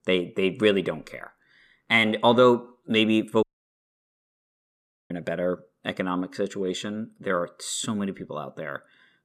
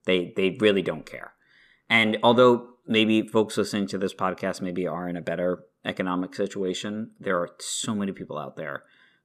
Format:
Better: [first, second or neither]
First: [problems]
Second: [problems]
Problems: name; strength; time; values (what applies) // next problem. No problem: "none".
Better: second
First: audio cutting out; at 3.5 s for 1.5 s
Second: none